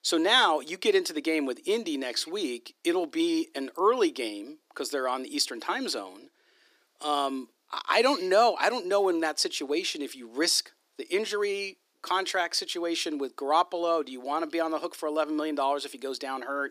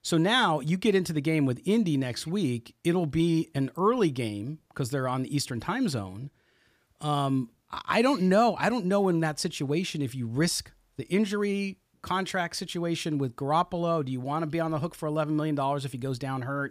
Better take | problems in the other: second | thin; somewhat; fading below 300 Hz

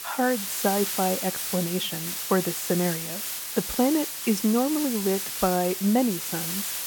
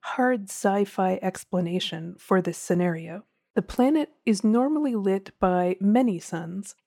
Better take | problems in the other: second | hiss; loud; throughout; 3 dB below the speech

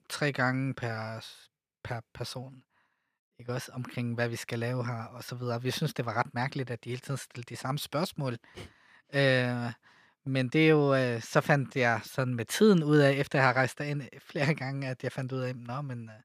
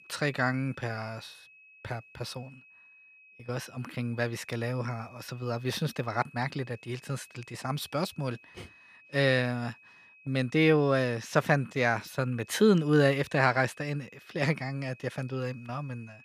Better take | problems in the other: first | high-pitched whine; faint; throughout; 2.5 kHz, 25 dB below the speech

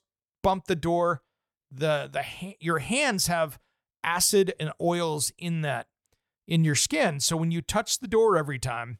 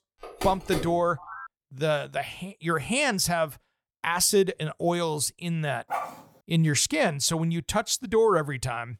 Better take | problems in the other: first | phone ringing; noticeable; until 1.5 s; peak 7 dB below the speech // dog barking; noticeable; at 6 s; peak 7 dB below the speech

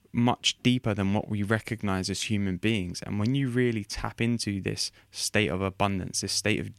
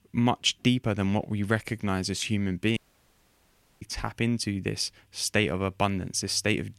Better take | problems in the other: first | audio cutting out; at 3 s for 1 s

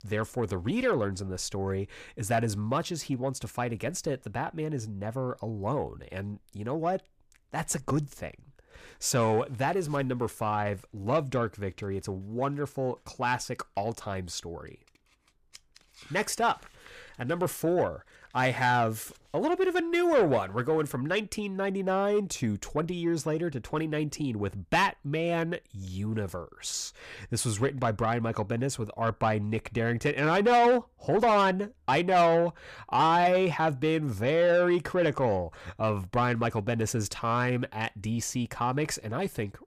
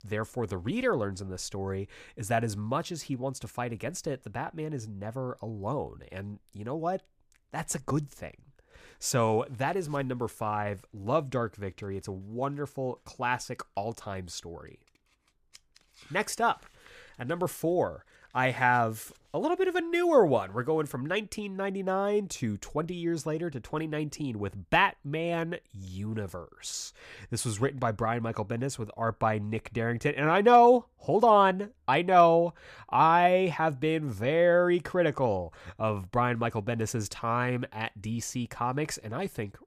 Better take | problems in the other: second | distortion; slight; 10 dB below the speech

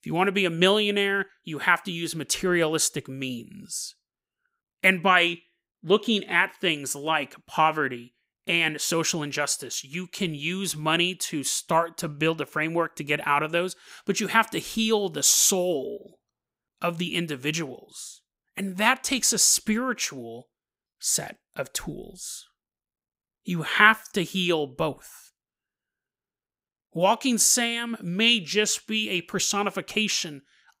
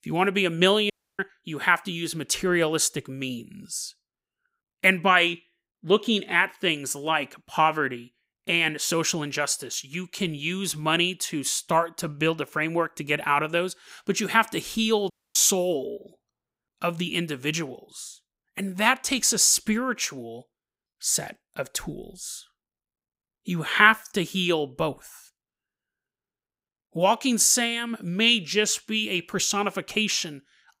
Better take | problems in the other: first | audio cutting out; at 1 s and at 15 s

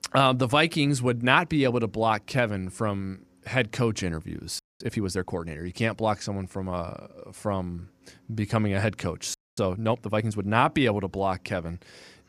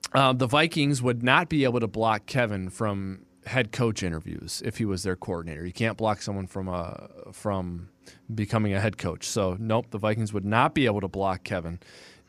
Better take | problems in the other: second | audio freezing; at 4.5 s and at 9.5 s

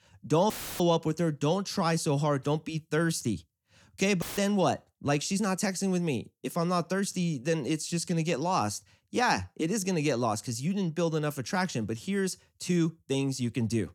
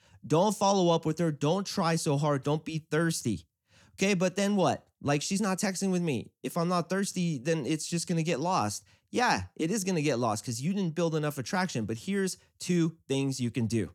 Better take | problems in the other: second | audio cutting out; filled with static; at 0.5 s and at 4 s

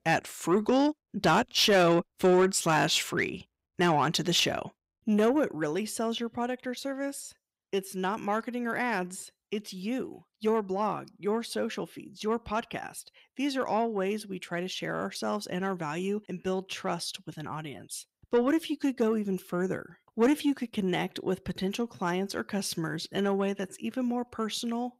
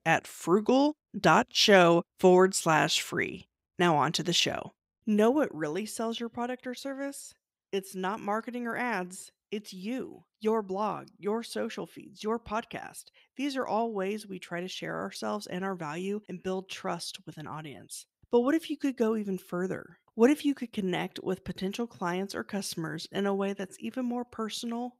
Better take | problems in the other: second | distortion; slight; 10 dB below the speech

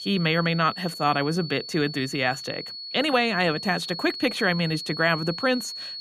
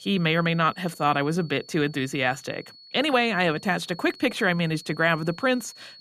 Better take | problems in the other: second | high-pitched whine; loud; throughout; 4.5 kHz, 9 dB below the speech; faint in the second

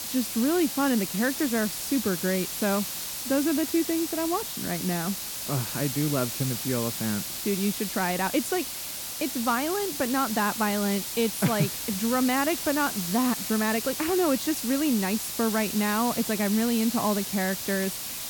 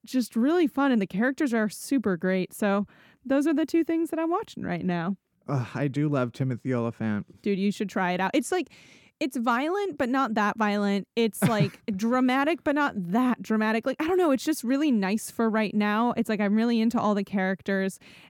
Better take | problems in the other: second | hiss; loud; throughout; 4 dB below the speech

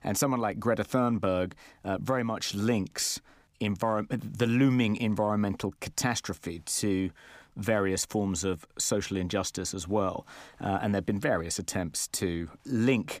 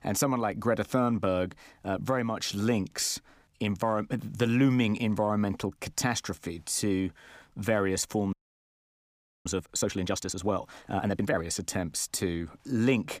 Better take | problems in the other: first | audio freezing; at 8.5 s for 1 s

